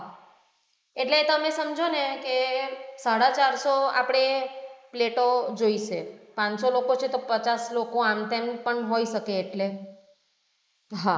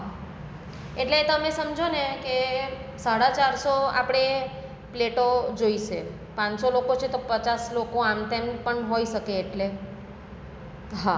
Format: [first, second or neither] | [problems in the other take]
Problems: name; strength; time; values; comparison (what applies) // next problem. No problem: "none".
second | noise reduction (neural mask model Resemble Enhance denoiser)